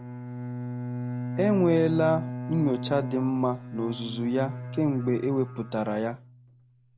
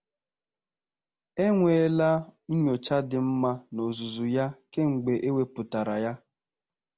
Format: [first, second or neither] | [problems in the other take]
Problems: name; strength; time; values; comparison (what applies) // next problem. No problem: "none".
second | background sound (Bowed string instrument); 8 dB below the speech